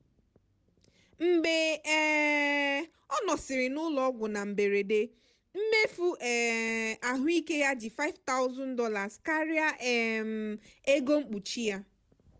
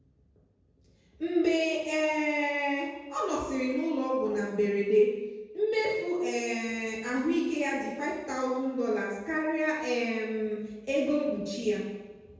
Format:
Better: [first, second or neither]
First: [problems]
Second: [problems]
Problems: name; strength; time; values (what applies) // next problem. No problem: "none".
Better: first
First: none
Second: room echo; dies away in 1.2 s